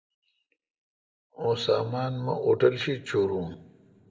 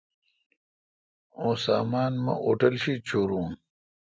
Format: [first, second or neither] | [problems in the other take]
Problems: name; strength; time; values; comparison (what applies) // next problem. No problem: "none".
second | room echo; dies away in 0.7 s